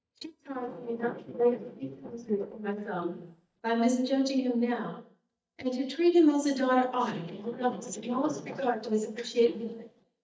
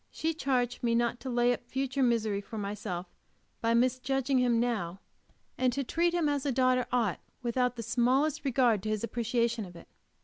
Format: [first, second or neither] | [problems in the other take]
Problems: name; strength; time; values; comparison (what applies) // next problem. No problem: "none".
second | noise reduction (neural mask model DeepFilterNet 3)